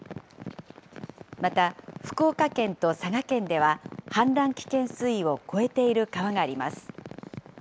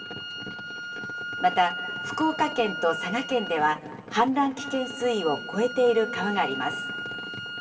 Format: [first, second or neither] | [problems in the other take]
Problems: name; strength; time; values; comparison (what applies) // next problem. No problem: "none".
first | background sound (Wind instrument, woodwind instrument); 8 dB below the speech // room echo; dies away in 2.9 s